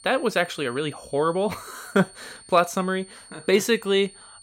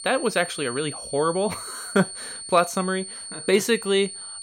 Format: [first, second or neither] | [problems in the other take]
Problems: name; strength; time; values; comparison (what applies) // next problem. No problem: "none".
first | high-pitched whine; loud; throughout; 9 kHz, 10 dB below the speech; faint in the first